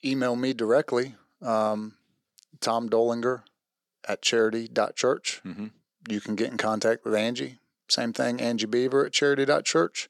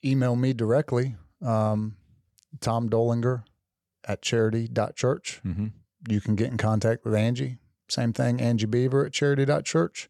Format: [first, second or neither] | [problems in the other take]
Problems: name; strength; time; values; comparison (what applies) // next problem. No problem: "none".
second | thin; somewhat; fading below 250 Hz